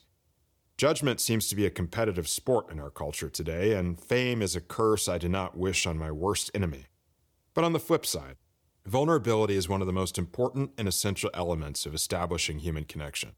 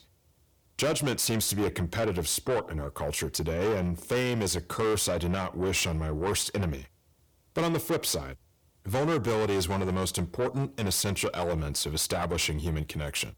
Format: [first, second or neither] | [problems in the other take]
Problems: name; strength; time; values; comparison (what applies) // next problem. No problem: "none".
first | distortion; heavy; 7 dB below the speech